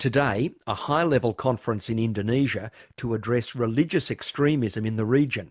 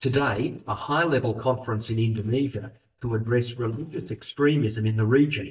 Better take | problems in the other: first | noise reduction (neural mask model DeepFilterNet 3)

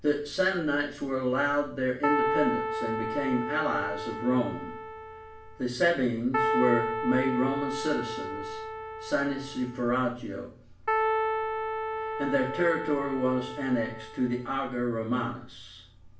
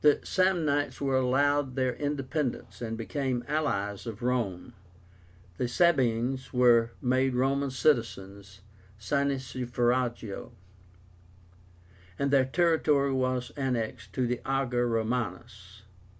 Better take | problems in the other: second | background sound (Keyboard (musical)); 2 dB below the speech // room echo; dies away in 0.4 s

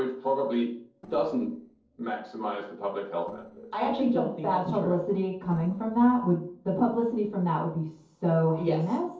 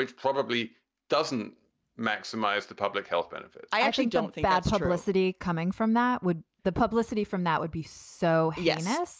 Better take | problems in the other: second | noise reduction (neural separator model SepFormer DNS4)

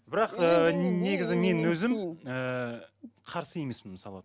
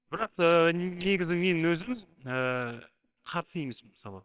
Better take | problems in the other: first | noise reduction (neural separator model SepFormer WHAMR!)

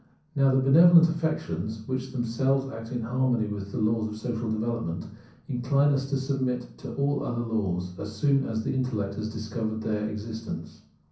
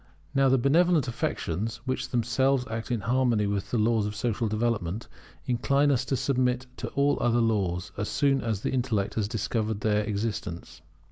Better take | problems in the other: second | room echo; dies away in 0.6 s

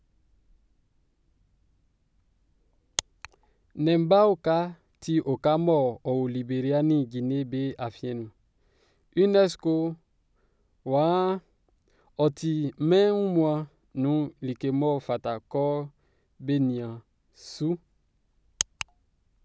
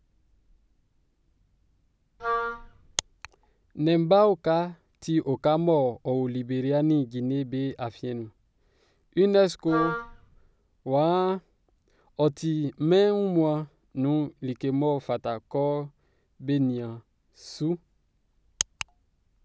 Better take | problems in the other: first | background sound (Wind instrument, woodwind instrument); 5 dB below the speech

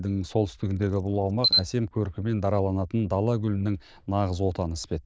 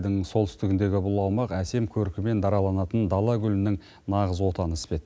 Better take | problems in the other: second | noise reduction (neural diffusion model UNIVERSE++)

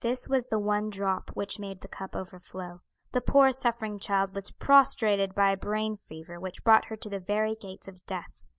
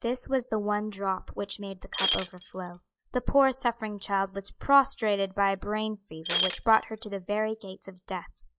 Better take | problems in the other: first | noise reduction (classical method log-MMSE)

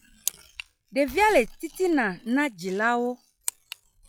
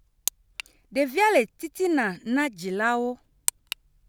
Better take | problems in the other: second | noise reduction (classical method log-MMSE)

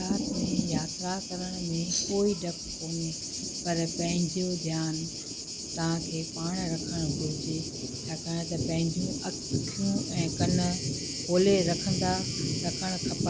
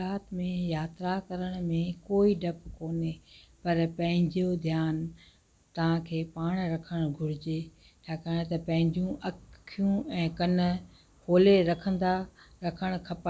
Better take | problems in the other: second | background sound (Thunder + Tambourine); 2 dB below the speech

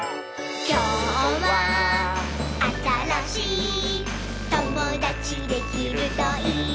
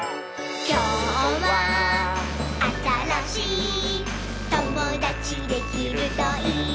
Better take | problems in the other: first | background sound (Trumpet); 20 dB below the speech

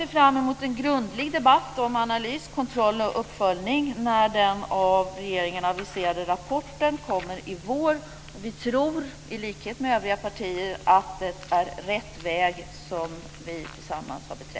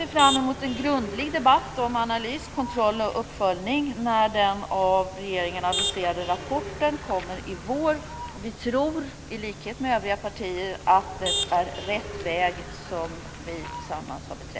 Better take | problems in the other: first | background sound (Motor vehicle (road)); 10 dB below the speech

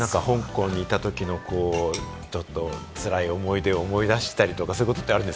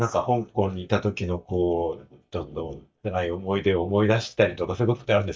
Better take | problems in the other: first | noise reduction (neural mask model DeepFilterNet 3)

